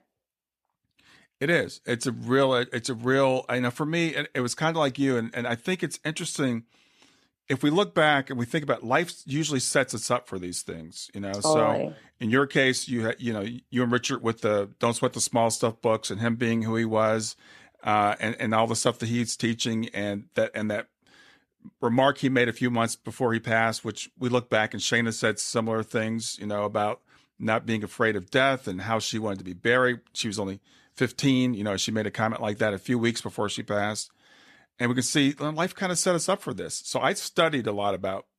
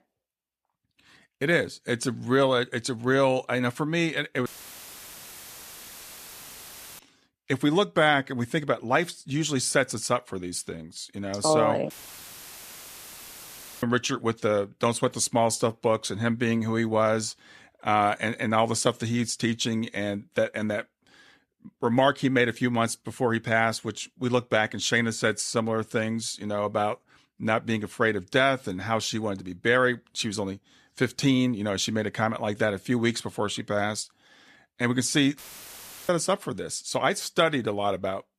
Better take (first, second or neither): first